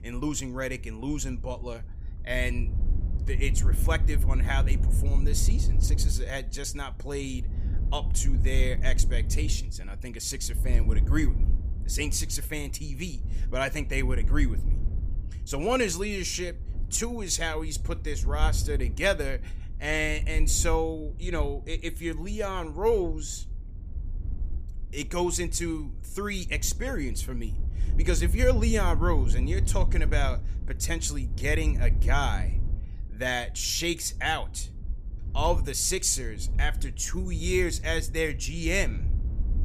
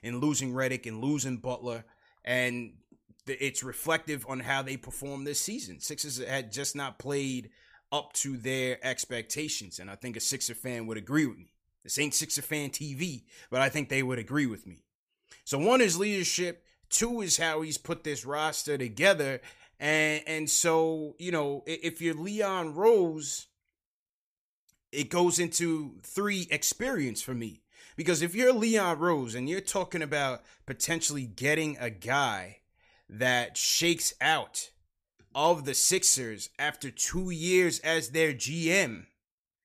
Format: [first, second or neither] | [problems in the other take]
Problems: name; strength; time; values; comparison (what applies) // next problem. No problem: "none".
second | wind noise on the microphone; occasional gusts; 20 dB below the speech